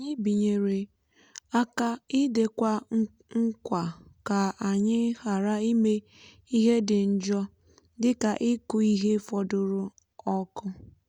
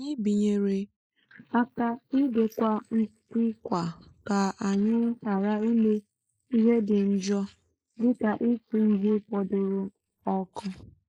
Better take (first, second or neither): first